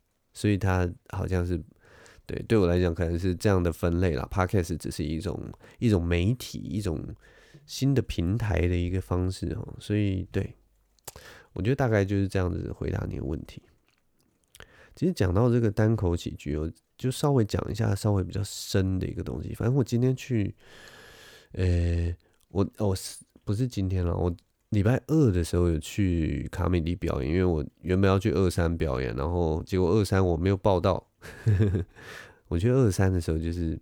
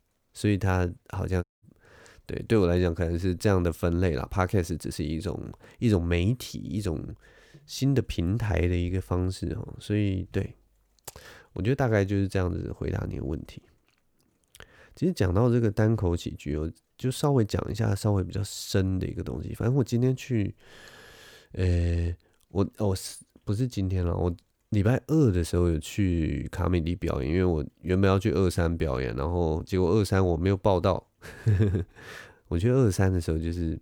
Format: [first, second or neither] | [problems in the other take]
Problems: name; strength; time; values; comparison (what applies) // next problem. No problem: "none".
first | audio cutting out; at 1.5 s